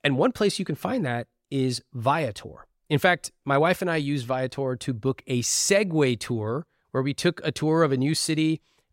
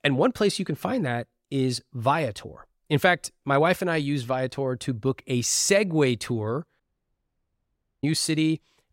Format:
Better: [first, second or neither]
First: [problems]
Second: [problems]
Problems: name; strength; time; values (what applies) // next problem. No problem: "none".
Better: first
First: none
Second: audio cutting out; at 7 s for 1 s